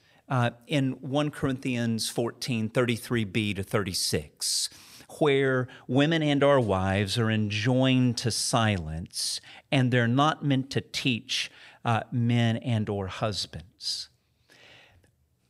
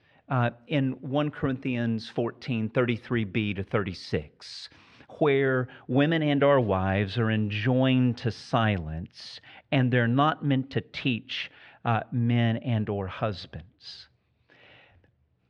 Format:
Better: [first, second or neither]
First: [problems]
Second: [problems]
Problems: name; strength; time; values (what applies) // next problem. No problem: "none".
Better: first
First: none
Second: muffled; slightly; fading above 3 kHz